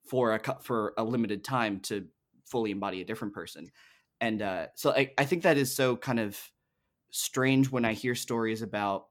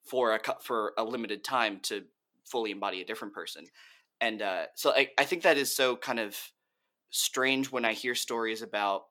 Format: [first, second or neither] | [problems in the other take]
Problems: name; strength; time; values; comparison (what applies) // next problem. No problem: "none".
first | thin; somewhat; fading below 400 Hz